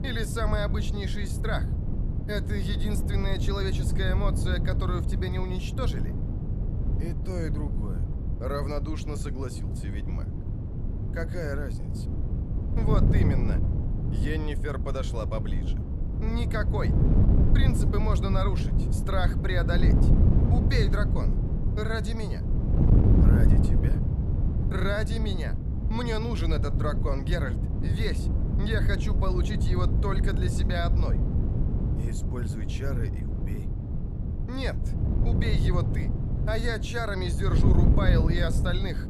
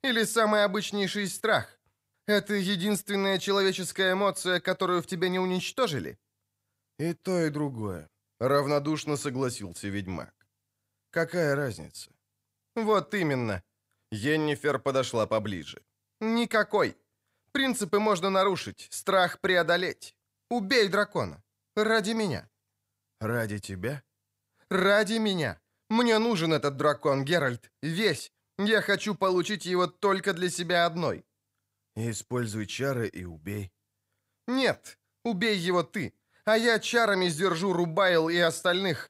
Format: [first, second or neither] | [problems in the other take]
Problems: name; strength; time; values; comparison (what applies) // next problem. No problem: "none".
second | wind noise on the microphone; heavy; 4 dB below the speech